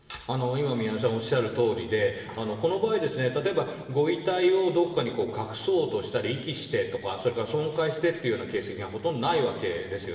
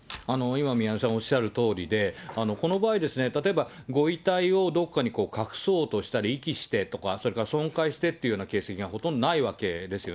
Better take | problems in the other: second | room echo; dies away in 2.2 s

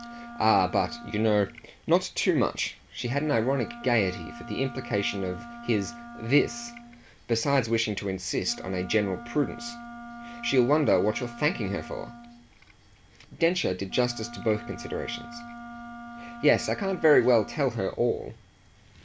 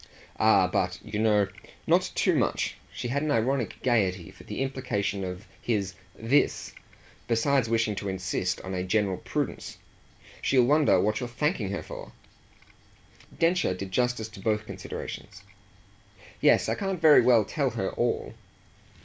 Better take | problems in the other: second | background sound (Wind instrument, woodwind instrument); 15 dB below the speech

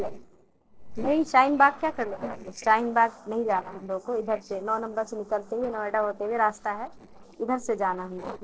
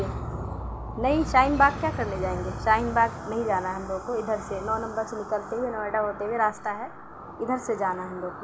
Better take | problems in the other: second | noise reduction (neural separator model SepFormer DNS4)

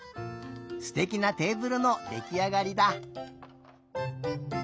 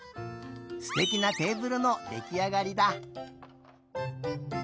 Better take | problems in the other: first | background sound (Animal); 6 dB below the speech

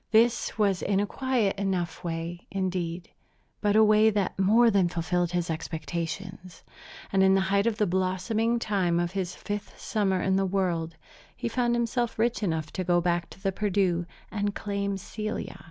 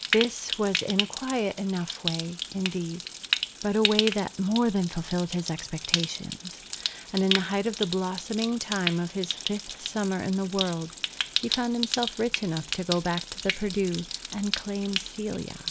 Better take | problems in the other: first | background sound (Stream); 4 dB below the speech

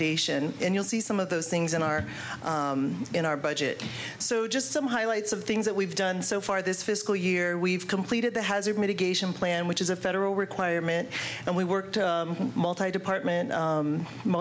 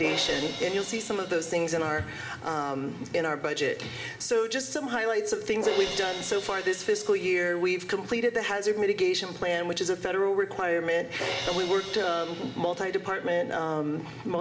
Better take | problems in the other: first | background sound (Crash cymbal); 13 dB below the speech // room echo; dies away in 1.2 s

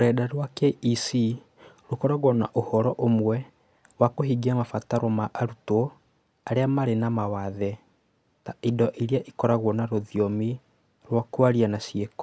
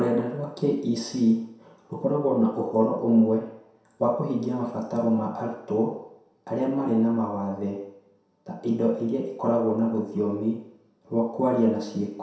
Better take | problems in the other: first | room echo; dies away in 0.7 s

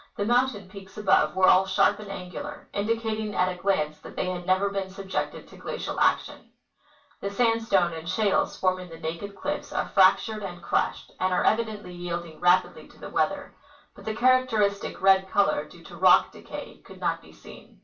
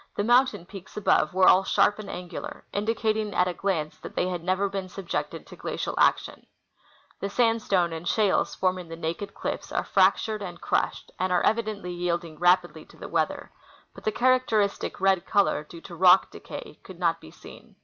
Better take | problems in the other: second | room echo; dies away in 0.2 s

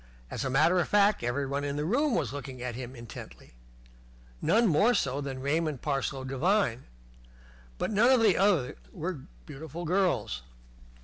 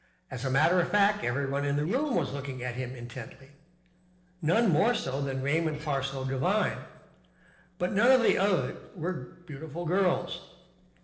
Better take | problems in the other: first | noise reduction (neural separator model SepFormer DNS4)

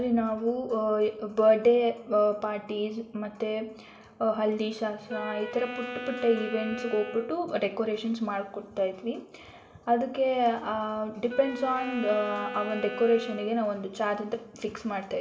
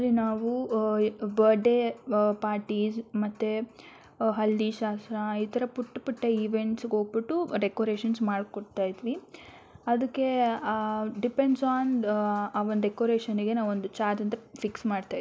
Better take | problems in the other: second | background sound (Wind instrument, woodwind instrument); 11 dB below the speech // room echo; dies away in 1.7 s

